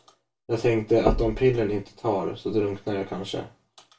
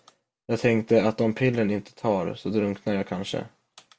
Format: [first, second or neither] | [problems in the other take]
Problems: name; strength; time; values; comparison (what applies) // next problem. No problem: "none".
second | background sound (Knock); 7 dB below the speech // room echo; dies away in 0.2 s